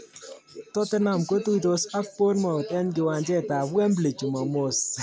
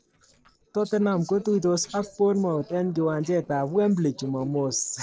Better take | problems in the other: first | noise reduction (neural separator model SepFormer DNS4)

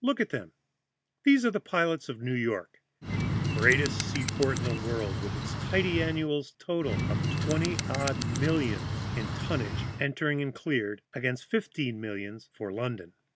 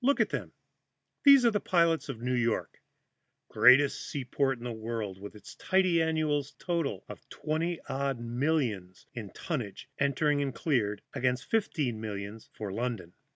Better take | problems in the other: second | background sound (Bird); as loud as the speech

